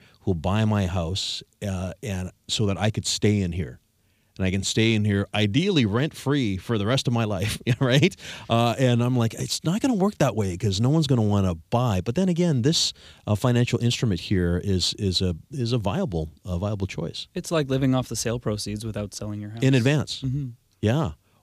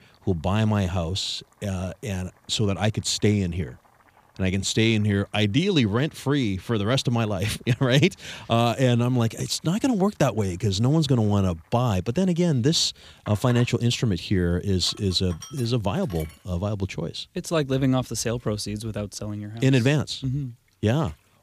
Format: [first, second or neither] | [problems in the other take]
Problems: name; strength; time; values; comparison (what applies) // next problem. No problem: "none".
first | household noises; faint; throughout; 30 dB below the speech